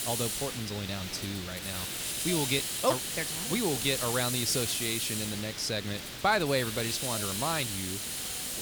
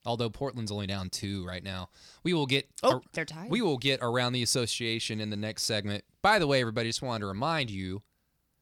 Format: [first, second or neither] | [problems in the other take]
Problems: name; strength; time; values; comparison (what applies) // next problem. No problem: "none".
second | hiss; loud; throughout; 1 dB below the speech